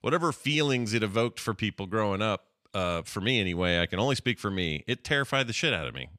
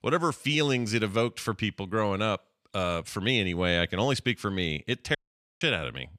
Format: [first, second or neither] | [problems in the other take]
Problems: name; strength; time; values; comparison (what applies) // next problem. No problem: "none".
first | audio cutting out; at 5 s